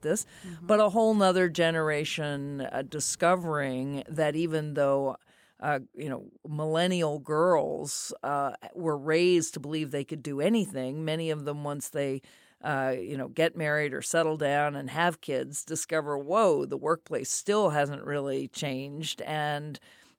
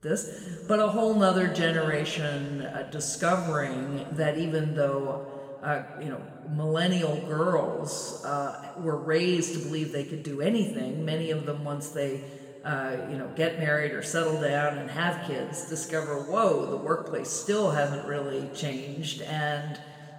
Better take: first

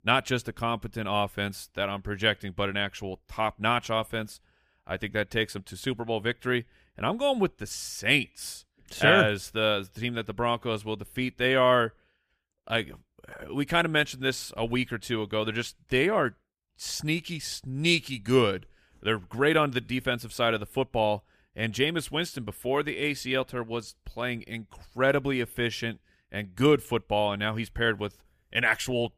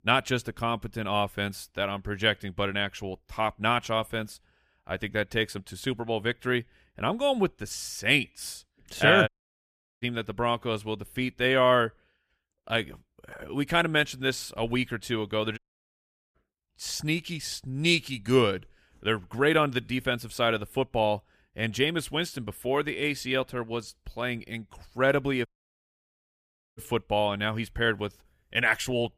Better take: first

